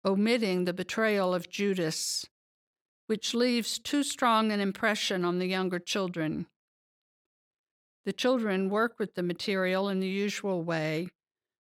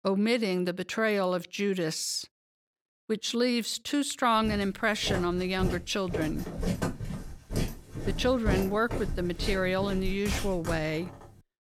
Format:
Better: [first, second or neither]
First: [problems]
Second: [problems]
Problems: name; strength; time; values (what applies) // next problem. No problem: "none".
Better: first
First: none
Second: footsteps; noticeable; from 4.5 to 11 s; peak 2 dB below the speech